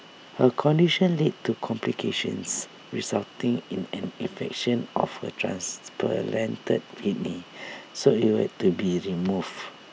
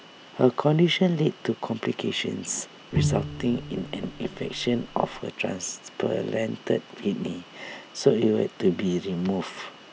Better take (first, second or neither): first